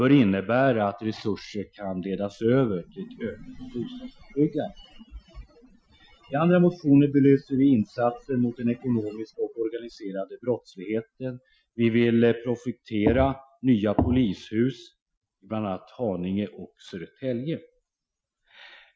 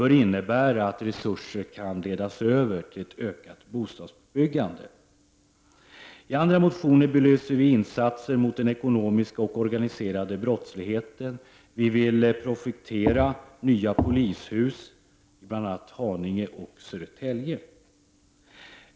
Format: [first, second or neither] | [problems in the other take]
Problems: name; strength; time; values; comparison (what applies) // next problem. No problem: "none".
second | noise reduction (classical method Wiener filter)